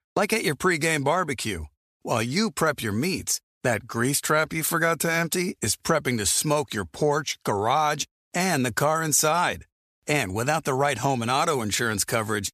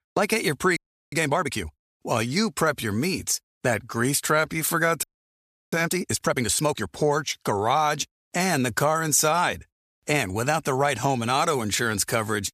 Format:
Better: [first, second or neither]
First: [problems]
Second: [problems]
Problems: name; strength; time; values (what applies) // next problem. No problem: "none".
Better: first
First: none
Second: audio freezing; at 1 s and at 5 s for 0.5 s